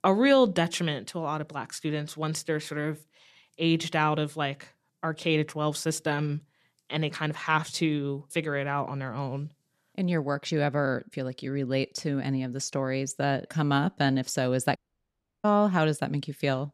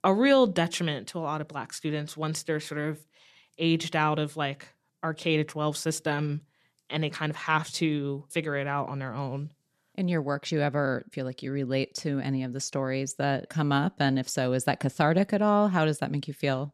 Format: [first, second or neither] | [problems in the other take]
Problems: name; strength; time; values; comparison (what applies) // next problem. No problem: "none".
second | audio cutting out; at 15 s for 0.5 s